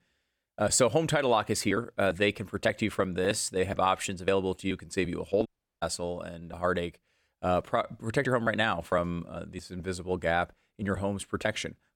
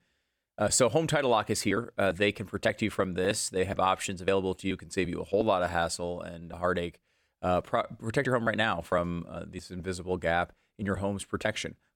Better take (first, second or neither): second